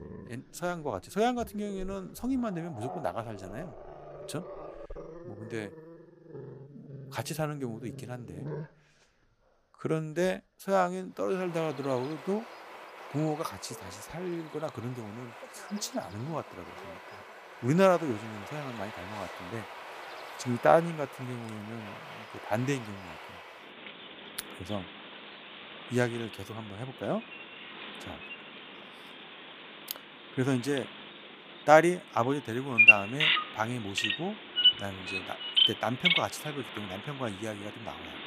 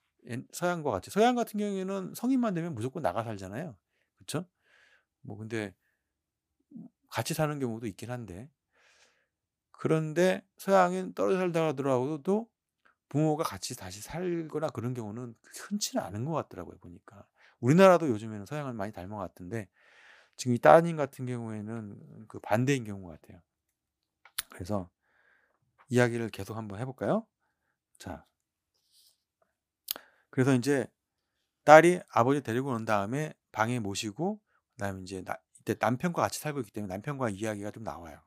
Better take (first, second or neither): second